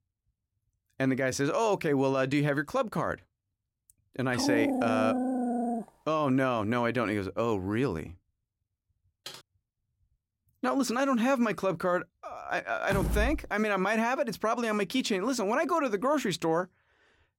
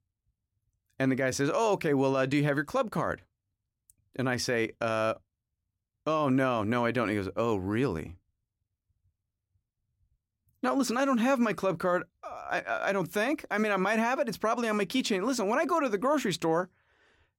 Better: second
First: dog barking; loud; from 4.5 to 6 s; peak 1 dB above the speech // keyboard typing; faint; at 9.5 s; peak 15 dB below the speech // door banging; noticeable; at 13 s; peak 2 dB below the speech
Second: none

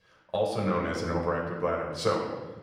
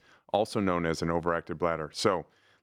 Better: second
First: off-mic speech; far // room echo; noticeable; dies away in 1.1 s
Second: none

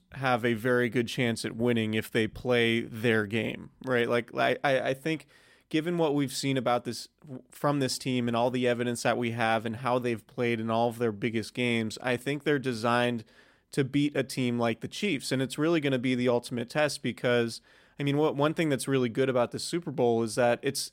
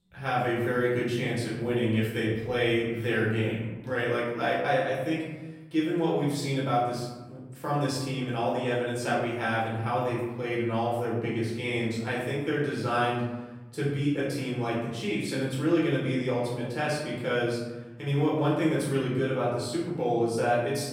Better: first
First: none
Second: off-mic speech; far // room echo; noticeable; dies away in 1.3 s

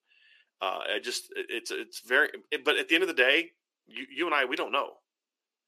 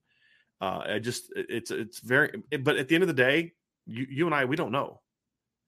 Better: second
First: thin; somewhat; fading below 350 Hz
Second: none

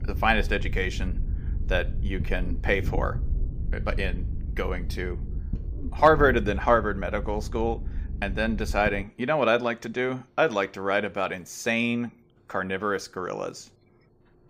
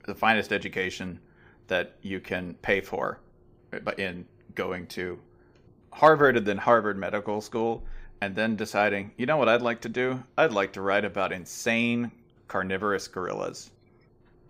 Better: second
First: low rumble; faint; until 9 s; 20 dB below the speech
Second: none

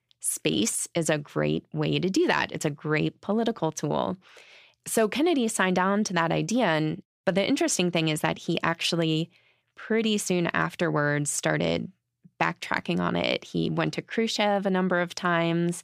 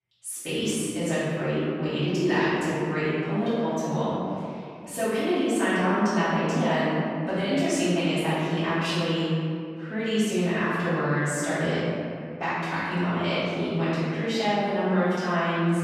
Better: first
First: none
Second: off-mic speech; far // room echo; strong; dies away in 2.3 s

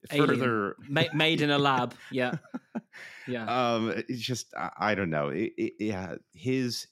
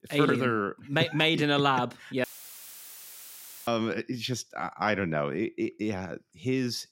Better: first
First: none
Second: audio cutting out; filled with static; at 2 s for 1.5 s

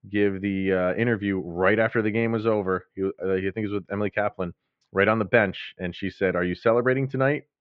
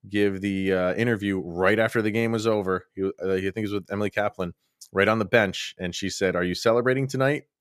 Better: second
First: muffled; very; fading above 3 kHz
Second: none

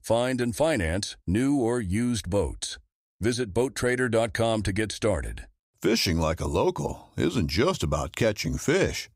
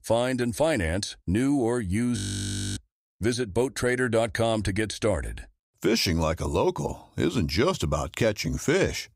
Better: first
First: none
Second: audio freezing; at 2 s for 0.5 s

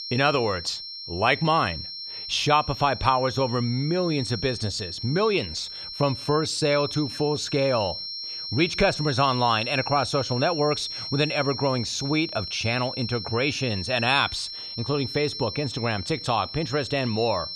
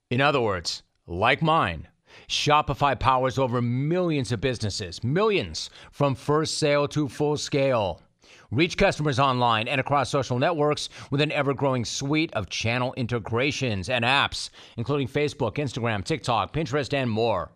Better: second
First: high-pitched whine; loud; throughout; 5.5 kHz, 8 dB below the speech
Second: none

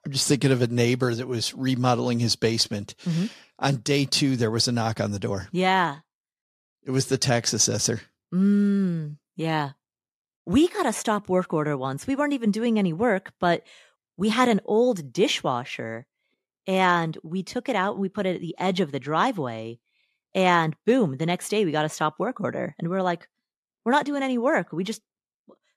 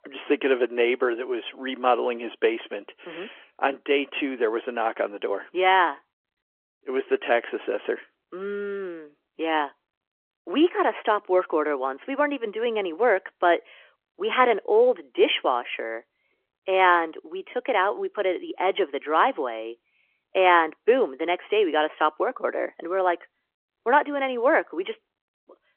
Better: first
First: none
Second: phone-call audio; nothing above 3.5 kHz

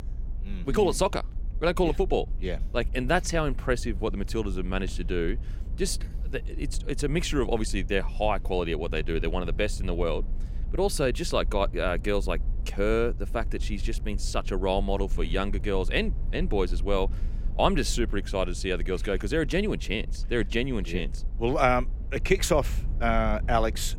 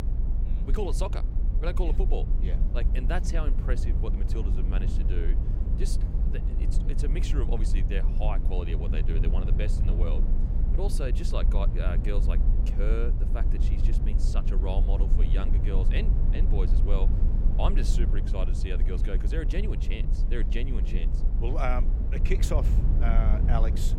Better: first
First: low rumble; faint; throughout; 25 dB below the speech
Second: low rumble; loud; throughout; 6 dB below the speech

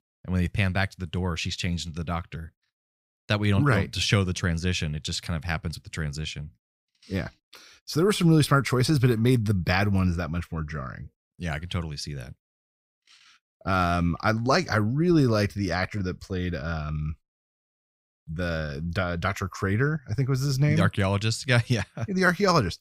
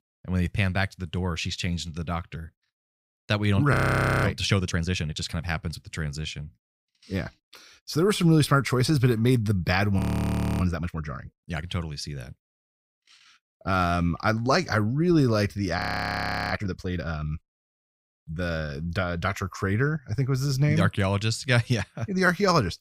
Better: first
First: none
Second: audio freezing; at 3.5 s for 0.5 s, at 10 s for 0.5 s and at 16 s for 0.5 s

